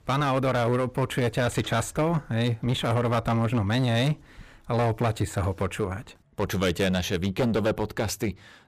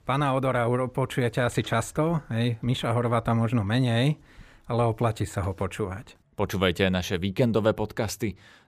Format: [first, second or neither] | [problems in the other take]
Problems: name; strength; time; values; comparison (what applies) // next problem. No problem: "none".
second | distortion; slight; 13% of the sound clipped